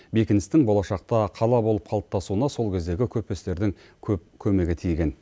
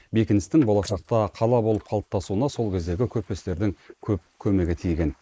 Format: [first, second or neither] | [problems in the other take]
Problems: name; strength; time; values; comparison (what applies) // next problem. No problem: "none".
first | noise reduction (neural mask model Resemble Enhance denoiser)